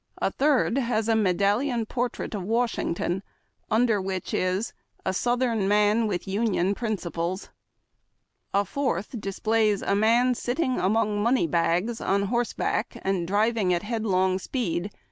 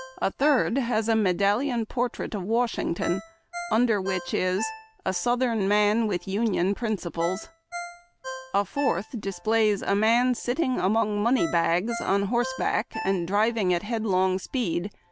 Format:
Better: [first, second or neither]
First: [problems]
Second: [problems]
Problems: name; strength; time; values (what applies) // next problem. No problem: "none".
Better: first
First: none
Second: background sound (Ringtone); 15 dB below the speech